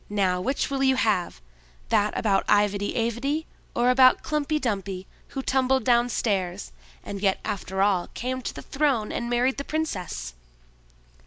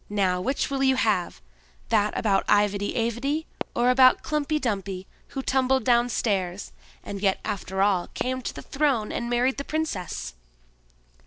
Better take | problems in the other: first | noise reduction (neural separator model SepFormer DNS4)

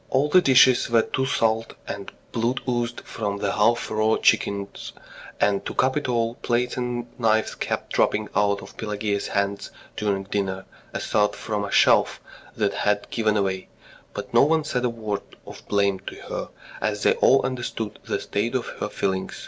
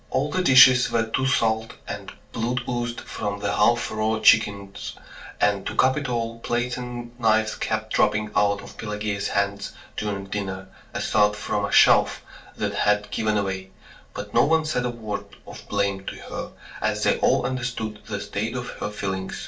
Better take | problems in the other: first | room echo; dies away in 0.2 s

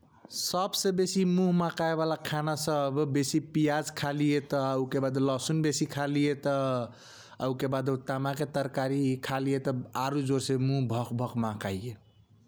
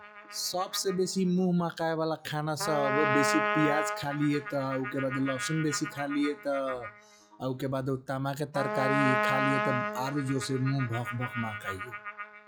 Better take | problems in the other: first | noise reduction (classical method log-MMSE)

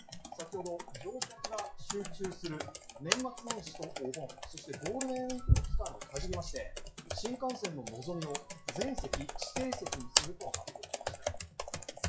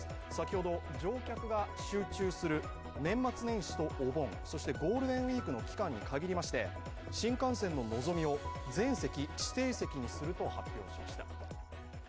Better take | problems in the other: second | noise reduction (classical method WPE with log-MMSE)

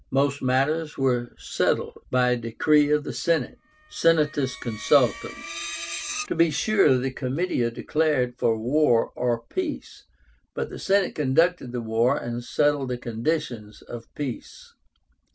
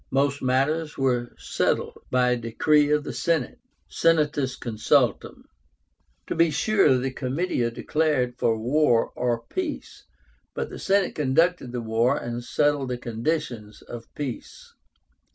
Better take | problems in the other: second | background sound (Screech); 13 dB below the speech

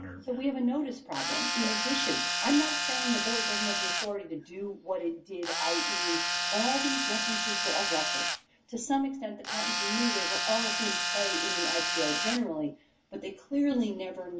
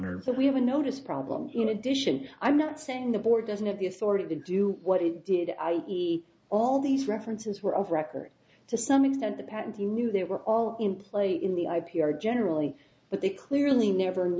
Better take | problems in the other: second | background sound (Tools); 3 dB above the speech // room echo; dies away in 0.2 s

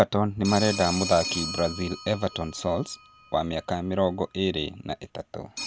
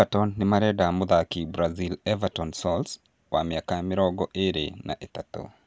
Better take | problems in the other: second | background sound (Telephone); 11 dB below the speech

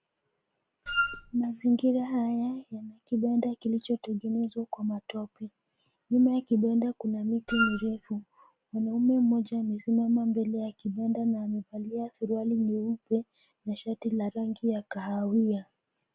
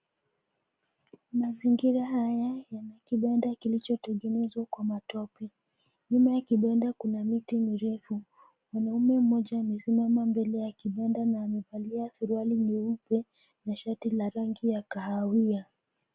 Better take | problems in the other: second | background sound (Wind instrument, woodwind instrument); 2 dB below the speech

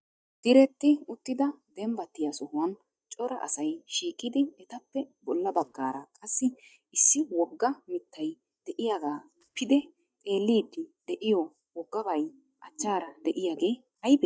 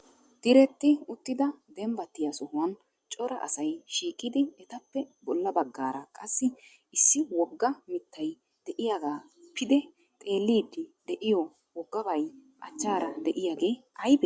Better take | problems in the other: second | noise reduction (neural mask model DeepFilterNet 3)

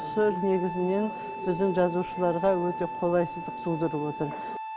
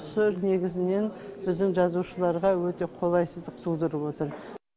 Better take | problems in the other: second | background sound (Wind instrument, woodwind instrument); 8 dB below the speech

